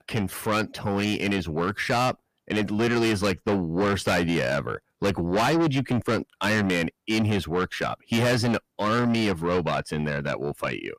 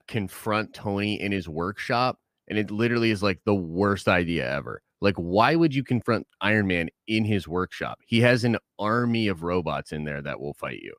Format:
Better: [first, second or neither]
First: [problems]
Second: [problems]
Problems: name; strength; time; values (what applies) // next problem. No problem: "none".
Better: second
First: distortion; heavy; 6 dB below the speech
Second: none